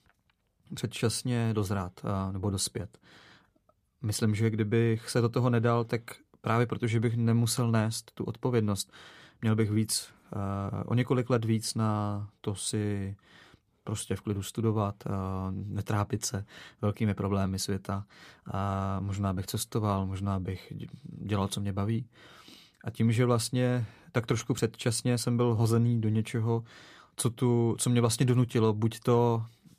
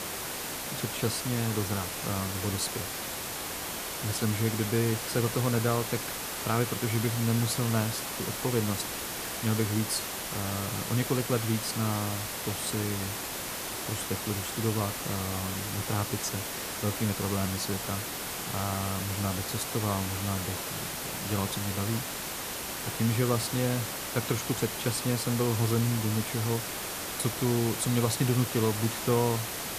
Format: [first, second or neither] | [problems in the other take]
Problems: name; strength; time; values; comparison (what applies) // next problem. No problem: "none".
first | hiss; loud; throughout; 2 dB below the speech